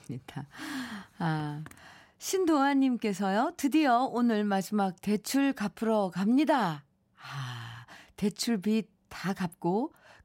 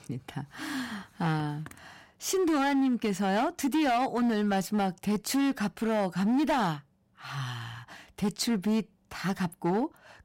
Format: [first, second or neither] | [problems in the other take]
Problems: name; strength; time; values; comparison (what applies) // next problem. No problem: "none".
first | distortion; slight; 11% of the sound clipped